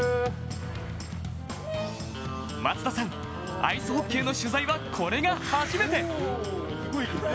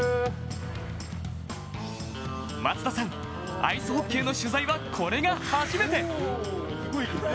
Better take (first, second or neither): second